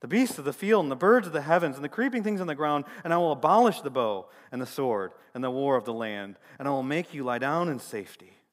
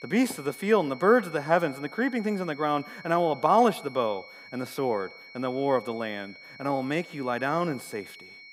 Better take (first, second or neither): first